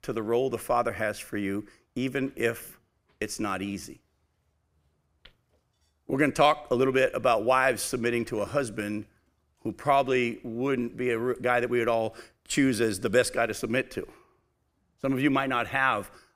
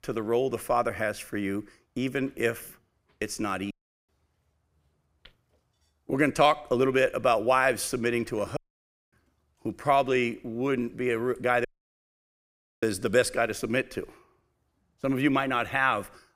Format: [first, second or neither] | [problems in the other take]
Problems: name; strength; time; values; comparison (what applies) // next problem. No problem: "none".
first | audio cutting out; at 3.5 s, at 8.5 s for 0.5 s and at 12 s for 1 s